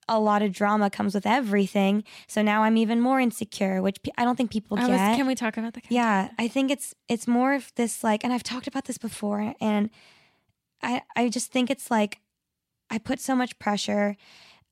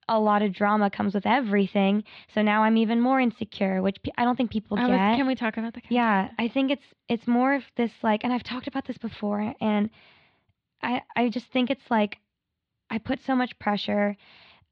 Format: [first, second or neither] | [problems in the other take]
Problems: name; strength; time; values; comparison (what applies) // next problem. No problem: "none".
first | muffled; slightly; fading above 4 kHz